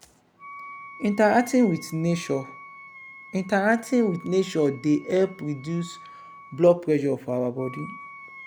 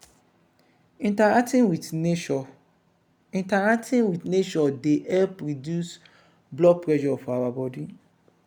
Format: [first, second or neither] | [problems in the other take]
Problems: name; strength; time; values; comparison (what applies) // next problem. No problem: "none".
second | background sound (Wind instrument, woodwind instrument); 19 dB below the speech